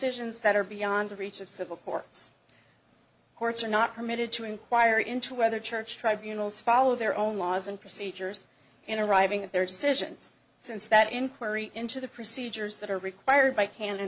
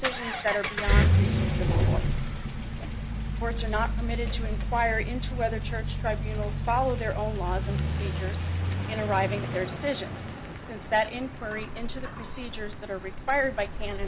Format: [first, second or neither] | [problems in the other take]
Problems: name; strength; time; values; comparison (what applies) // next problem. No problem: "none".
first | background sound (Accelerating, revving, vroom); 4 dB above the speech